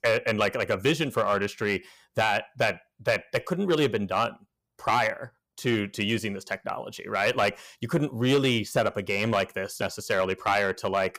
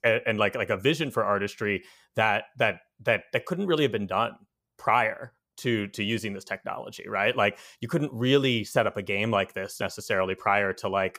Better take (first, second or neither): second